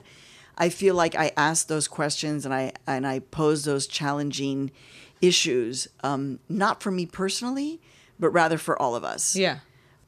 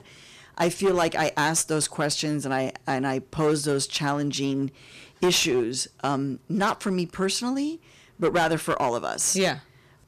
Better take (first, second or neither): first